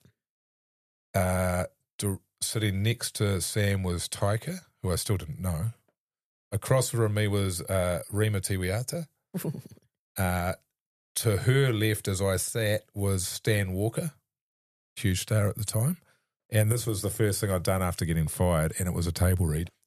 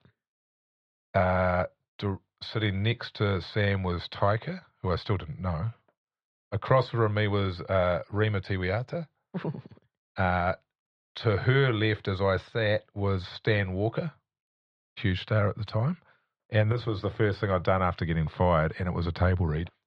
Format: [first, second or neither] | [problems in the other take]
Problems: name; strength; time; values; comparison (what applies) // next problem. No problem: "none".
first | muffled; slightly; fading above 4 kHz